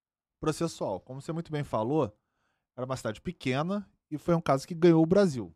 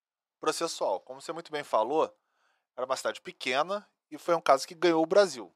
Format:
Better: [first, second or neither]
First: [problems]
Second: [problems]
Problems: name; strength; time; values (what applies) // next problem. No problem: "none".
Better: first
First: none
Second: thin; very; fading below 650 Hz